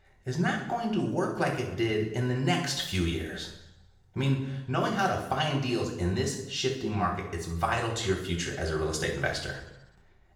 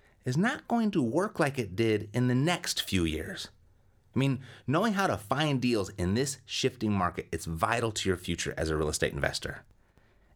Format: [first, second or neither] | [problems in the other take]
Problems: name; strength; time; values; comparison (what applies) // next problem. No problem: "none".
second | room echo; noticeable; dies away in 0.8 s // off-mic speech; far